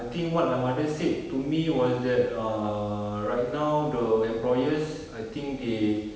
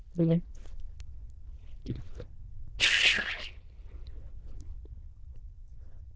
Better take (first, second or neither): first